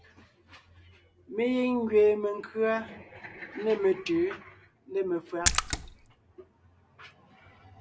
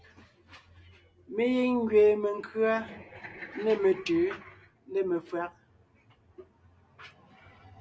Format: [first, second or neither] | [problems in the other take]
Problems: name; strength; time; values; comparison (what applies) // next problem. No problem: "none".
second | background sound (Splash, splatter); 1 dB above the speech